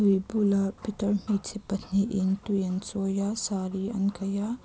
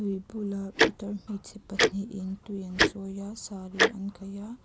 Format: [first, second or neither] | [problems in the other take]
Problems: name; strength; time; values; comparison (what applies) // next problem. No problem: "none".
first | background sound (Tick-tock); 5 dB above the speech